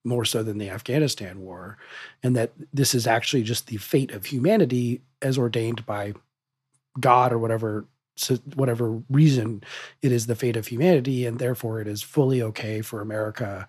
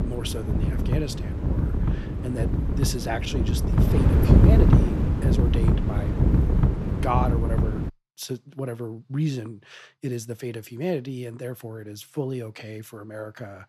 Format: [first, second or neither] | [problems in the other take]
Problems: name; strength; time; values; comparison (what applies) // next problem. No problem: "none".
first | wind noise on the microphone; heavy; until 8 s; 1 dB above the speech